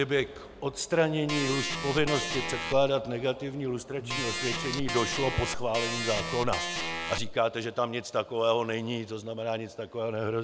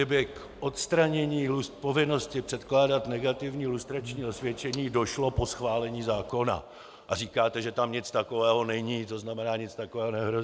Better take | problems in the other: second | background sound (Organ); 3 dB below the speech

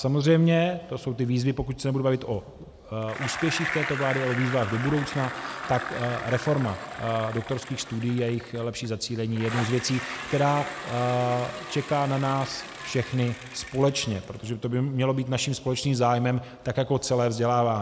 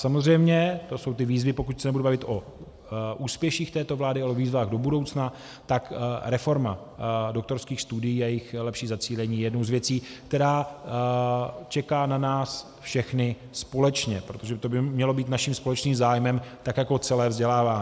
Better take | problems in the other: second | background sound (Bicycle); 12 dB below the speech

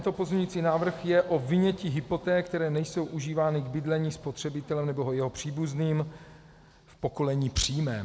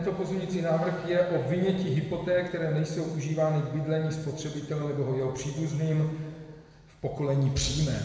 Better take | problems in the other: first | room echo; dies away in 1.6 s

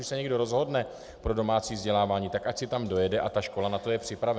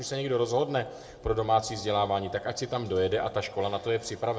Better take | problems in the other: first | room echo; dies away in 1.2 s

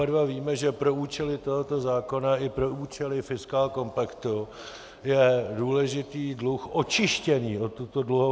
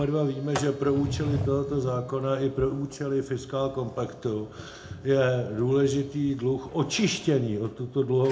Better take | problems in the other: first | background sound (Sliding door); 12 dB below the speech // room echo; dies away in 0.3 s

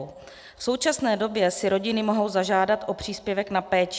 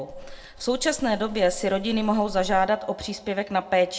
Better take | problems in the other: first | background sound (Livestock, farm animals, working animals); 13 dB below the speech // room echo; dies away in 0.4 s

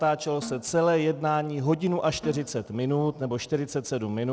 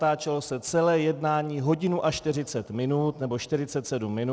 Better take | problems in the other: second | background sound (Snare drum); 19 dB below the speech

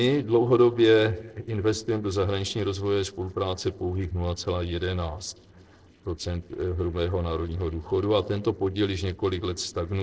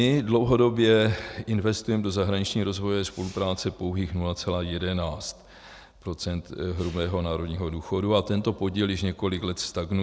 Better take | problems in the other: second | noise reduction (neural separator model SepFormer DNS4)

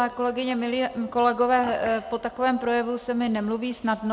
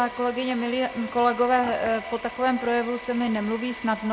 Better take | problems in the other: first | background sound (Domestic sounds, home sounds); 15 dB below the speech

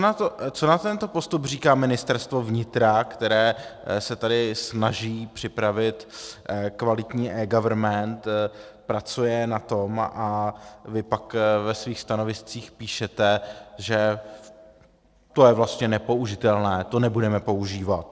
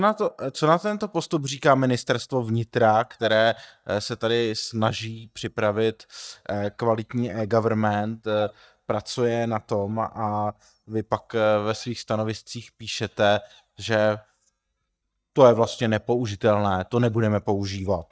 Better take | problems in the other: first | noise reduction (neural mask model DeepFilterNet 3)

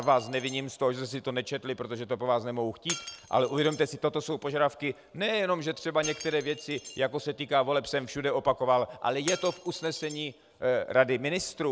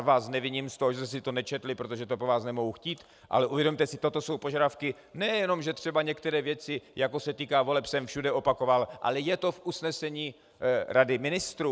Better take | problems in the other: second | background sound (Shatter); 17 dB below the speech

